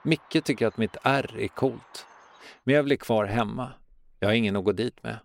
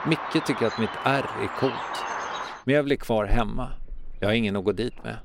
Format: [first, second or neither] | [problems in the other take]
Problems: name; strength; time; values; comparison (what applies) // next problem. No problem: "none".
first | animal sounds; loud; throughout; 7 dB below the speech; faint in the first